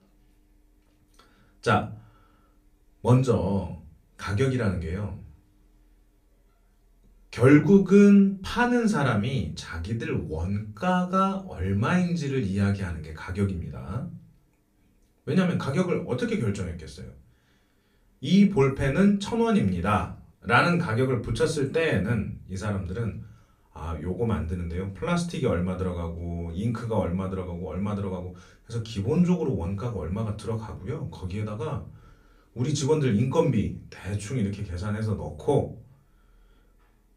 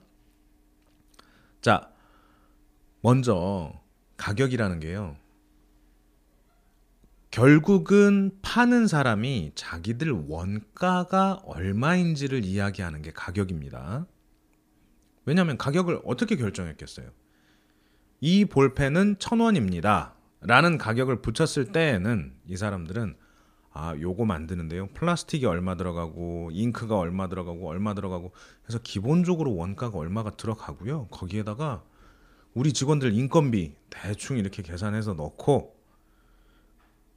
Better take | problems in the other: second | off-mic speech; far // room echo; very slight; dies away in 0.3 s

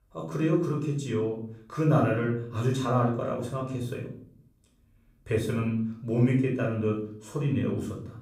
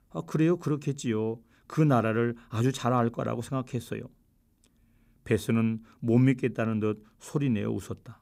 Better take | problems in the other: second | off-mic speech; far // room echo; noticeable; dies away in 0.5 s

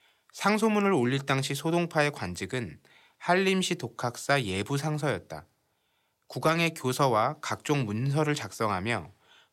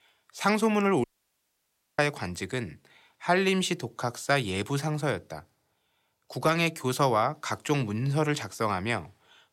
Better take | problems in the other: first | audio cutting out; at 1 s for 1 s

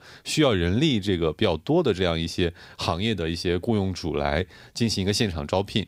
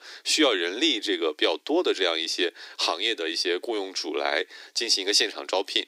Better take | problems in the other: first | thin; somewhat; fading below 300 Hz

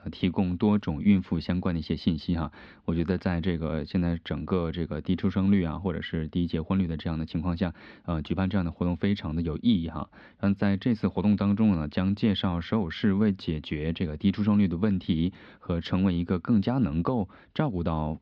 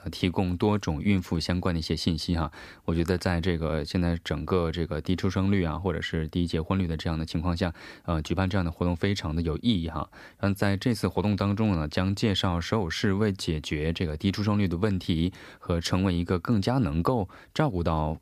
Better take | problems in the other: second | muffled; very slightly; fading above 3.5 kHz

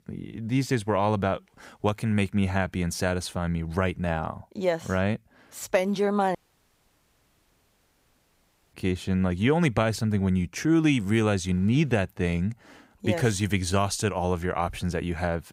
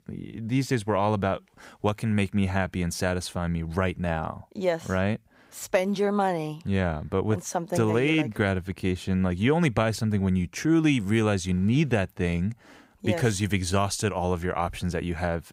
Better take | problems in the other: second | audio cutting out; at 6.5 s for 2.5 s

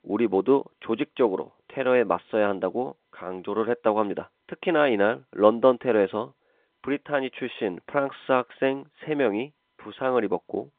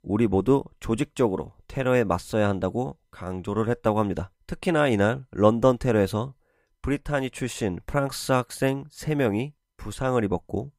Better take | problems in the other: second | phone-call audio

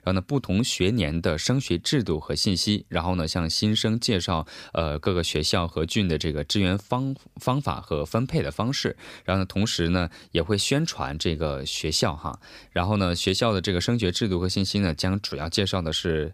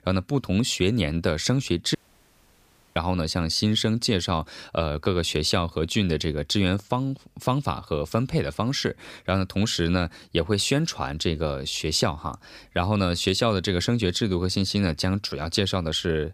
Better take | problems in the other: first | audio cutting out; at 2 s for 1 s

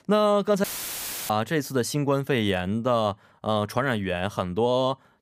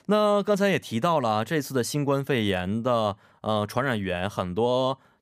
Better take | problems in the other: second | audio cutting out; filled with static; at 0.5 s for 0.5 s

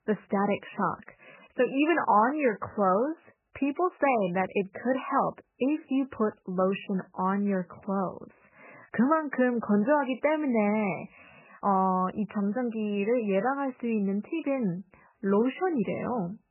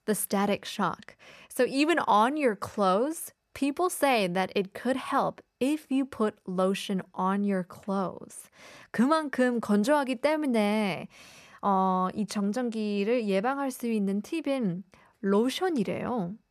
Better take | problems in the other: second | garbled, watery; badly; nothing above 3 kHz

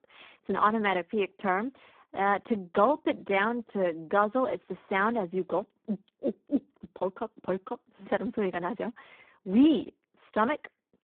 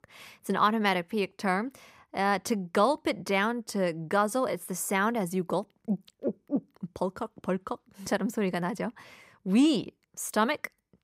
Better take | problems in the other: second | phone-call audio; poor line

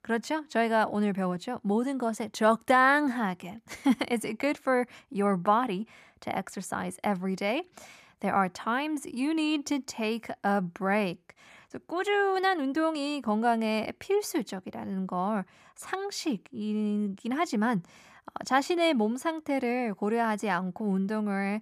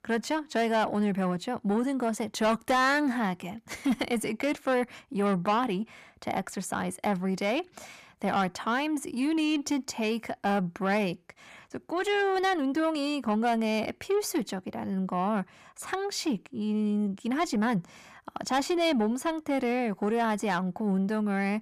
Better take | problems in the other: first | distortion; slight; 10 dB below the speech

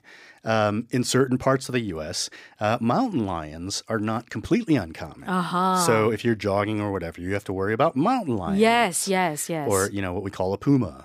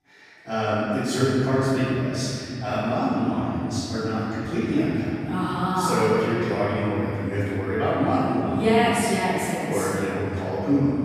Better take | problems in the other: first | room echo; strong; dies away in 3 s // off-mic speech; far

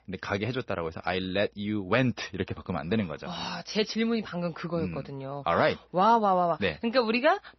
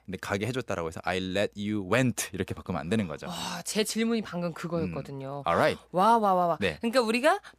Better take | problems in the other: second | garbled, watery; slightly; nothing above 6 kHz

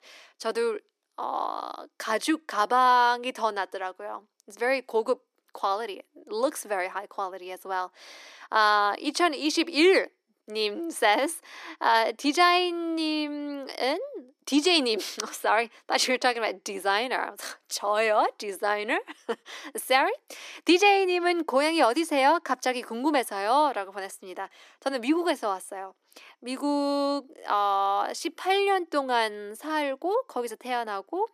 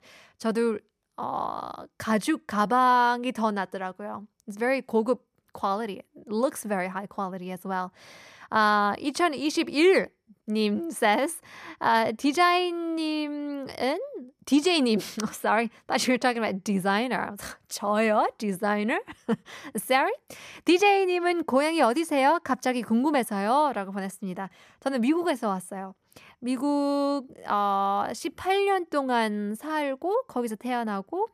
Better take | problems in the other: second | thin; very slightly; fading below 300 Hz

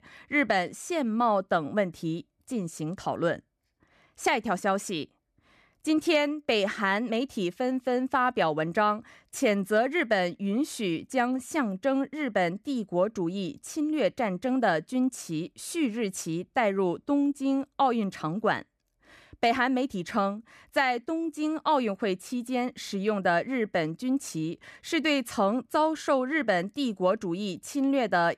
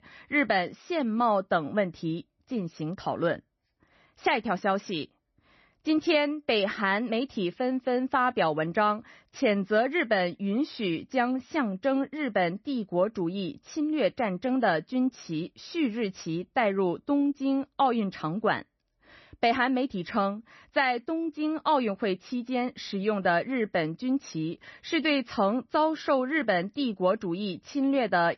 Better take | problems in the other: first | garbled, watery; slightly; nothing above 6 kHz

